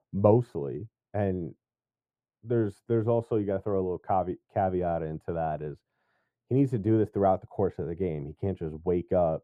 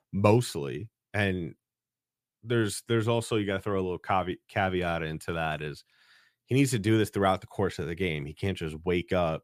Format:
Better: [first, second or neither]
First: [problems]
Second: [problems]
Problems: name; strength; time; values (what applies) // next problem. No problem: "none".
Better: second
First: muffled; very; fading above 1.5 kHz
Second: none